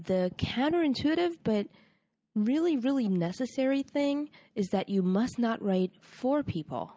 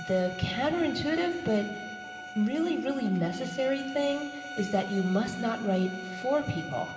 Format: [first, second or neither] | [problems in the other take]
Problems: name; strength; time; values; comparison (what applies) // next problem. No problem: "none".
first | background sound (Bowed string instrument); 11 dB below the speech // room echo; dies away in 1.7 s